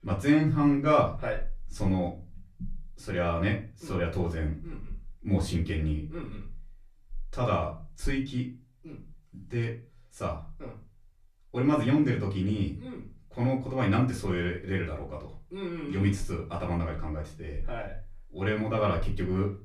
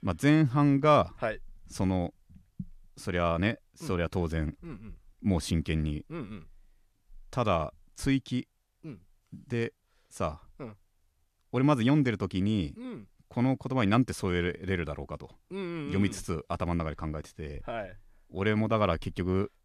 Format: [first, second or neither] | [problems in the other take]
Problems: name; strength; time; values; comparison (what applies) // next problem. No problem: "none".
second | off-mic speech; far // room echo; very slight; dies away in 0.3 s